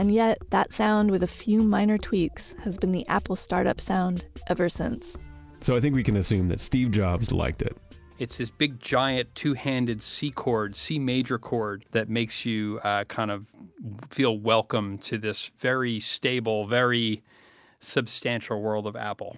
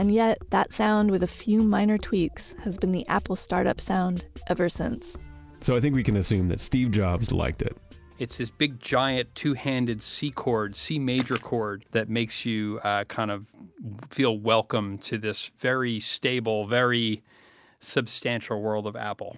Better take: first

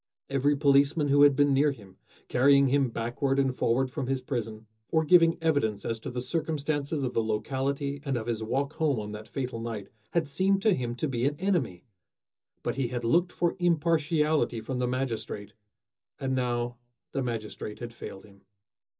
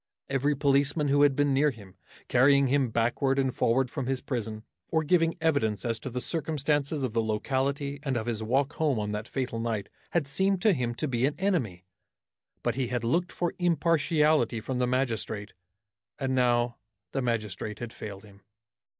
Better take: second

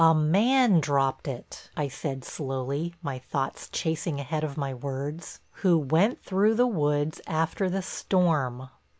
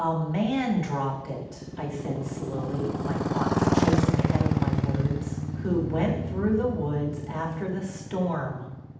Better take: first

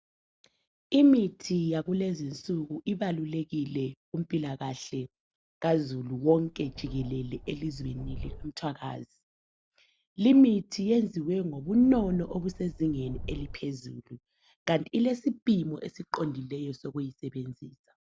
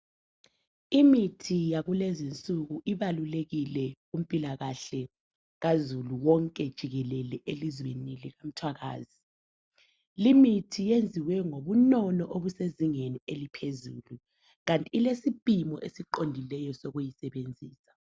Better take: second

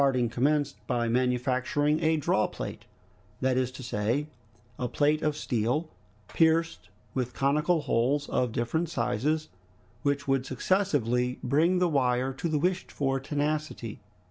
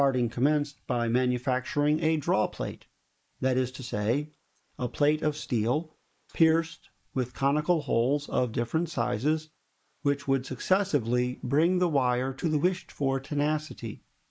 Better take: first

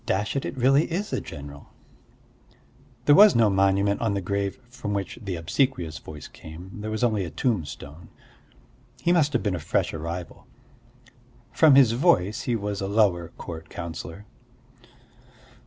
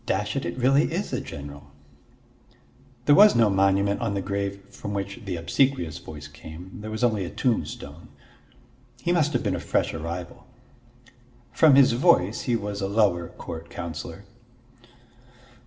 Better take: first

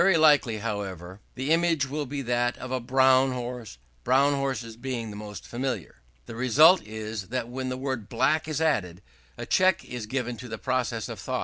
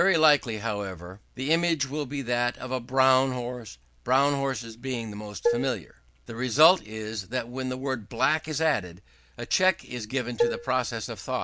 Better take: first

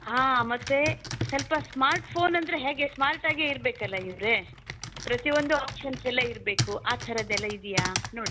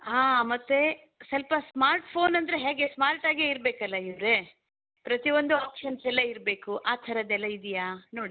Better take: second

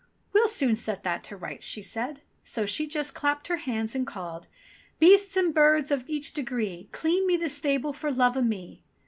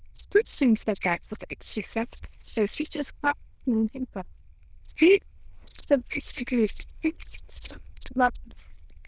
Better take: first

